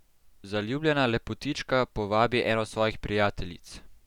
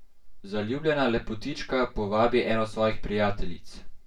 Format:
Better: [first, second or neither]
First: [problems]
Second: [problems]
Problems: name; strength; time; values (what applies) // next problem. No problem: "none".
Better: first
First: none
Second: room echo; dies away in 0.2 s